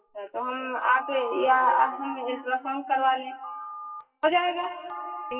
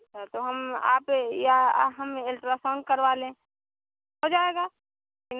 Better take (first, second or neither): second